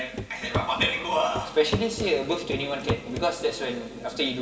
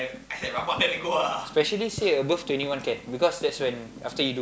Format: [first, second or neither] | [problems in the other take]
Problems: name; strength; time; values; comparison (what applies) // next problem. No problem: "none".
second | background sound (Walk, footsteps / Run / Wood); 7 dB below the speech // room echo; dies away in 2.3 s